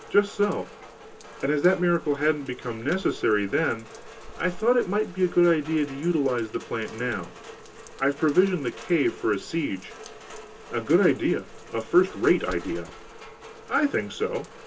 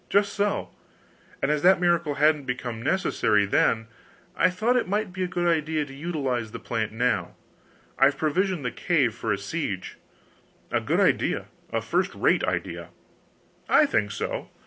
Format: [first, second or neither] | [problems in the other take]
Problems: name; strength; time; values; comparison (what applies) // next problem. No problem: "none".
second | background sound (Rain); 17 dB below the speech // room echo; dies away in 0.2 s